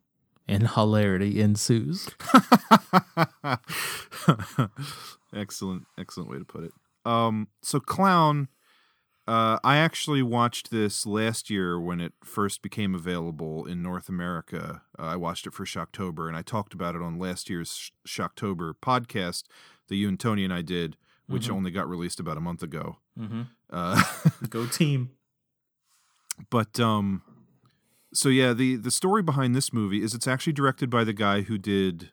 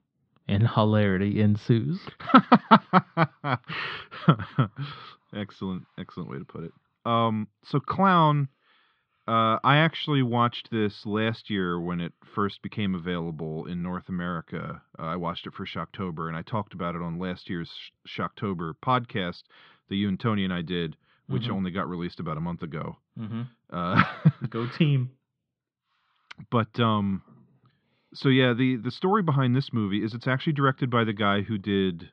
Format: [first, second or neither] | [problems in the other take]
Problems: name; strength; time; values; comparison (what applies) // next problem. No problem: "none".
first | muffled; slightly; fading above 3.5 kHz